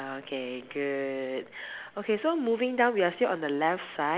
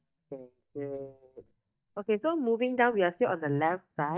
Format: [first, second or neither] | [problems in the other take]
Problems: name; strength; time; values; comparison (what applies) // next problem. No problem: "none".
first | noise reduction (neural mask model DeepFilterNet 3)